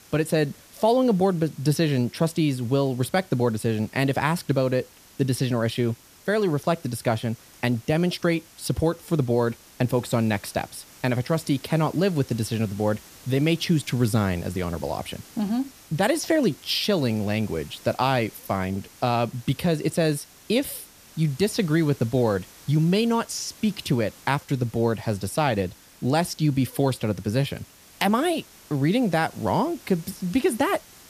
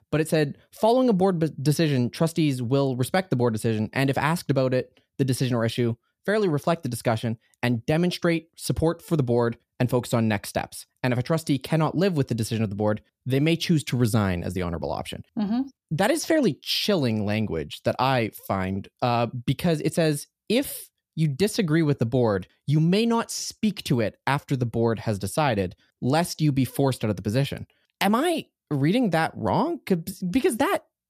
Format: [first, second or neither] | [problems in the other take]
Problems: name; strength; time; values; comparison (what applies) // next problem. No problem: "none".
second | hiss; faint; throughout; 20 dB below the speech